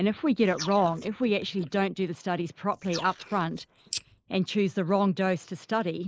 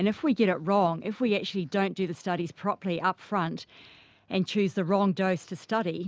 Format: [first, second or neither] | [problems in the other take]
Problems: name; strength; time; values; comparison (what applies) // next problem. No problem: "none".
second | noise reduction (neural mask model Resemble Enhance denoiser)